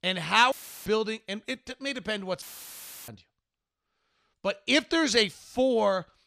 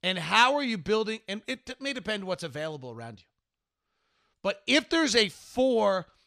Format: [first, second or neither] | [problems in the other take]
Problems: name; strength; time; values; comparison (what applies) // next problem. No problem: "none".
second | audio cutting out; filled with static; at 0.5 s and at 2.5 s for 0.5 s